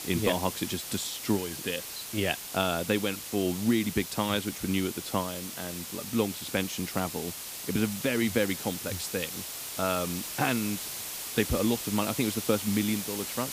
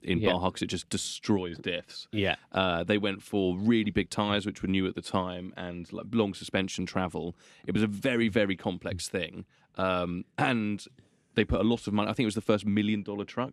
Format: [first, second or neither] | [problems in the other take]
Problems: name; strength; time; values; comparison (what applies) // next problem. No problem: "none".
second | hiss; loud; throughout; 5 dB below the speech